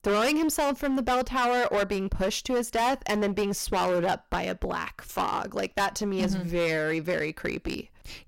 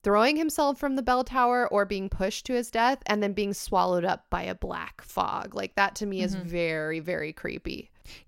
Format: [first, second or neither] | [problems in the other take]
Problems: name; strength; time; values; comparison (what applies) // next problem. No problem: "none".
second | distortion; heavy; 15% of the sound clipped